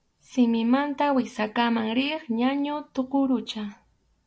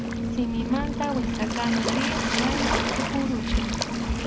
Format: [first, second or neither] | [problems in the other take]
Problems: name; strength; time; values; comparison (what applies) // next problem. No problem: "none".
first | background sound (Waves, surf); 4 dB above the speech